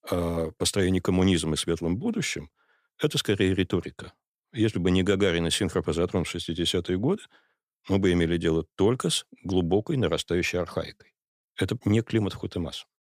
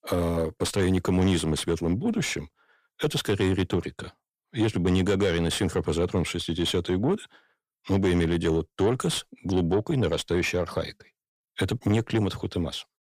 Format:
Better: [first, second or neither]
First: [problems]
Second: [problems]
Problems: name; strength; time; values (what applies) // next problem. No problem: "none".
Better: first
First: none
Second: distortion; slight; 10 dB below the speech